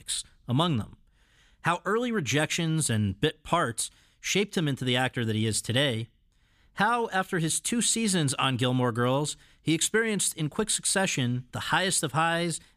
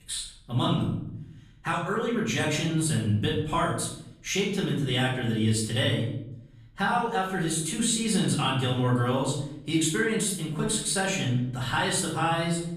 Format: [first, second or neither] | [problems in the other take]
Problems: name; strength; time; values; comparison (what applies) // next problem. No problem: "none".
first | room echo; noticeable; dies away in 0.8 s // off-mic speech; far